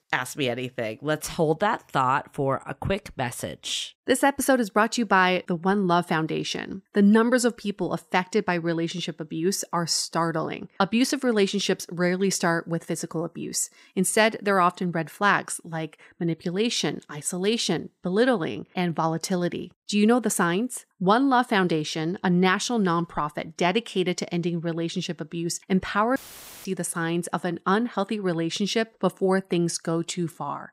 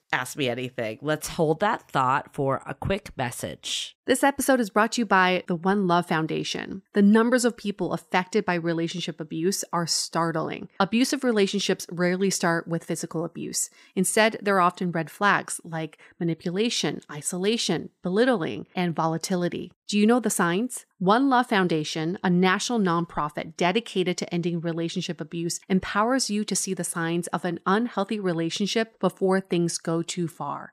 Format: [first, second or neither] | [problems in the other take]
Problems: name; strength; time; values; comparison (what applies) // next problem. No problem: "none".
second | audio cutting out; filled with static; at 26 s